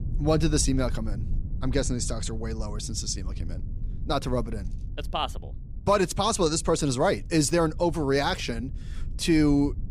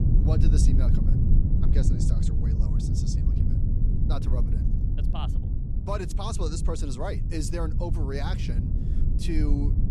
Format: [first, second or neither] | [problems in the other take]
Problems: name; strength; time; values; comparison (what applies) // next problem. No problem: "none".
first | low rumble; loud; throughout; 3 dB below the speech; faint in the first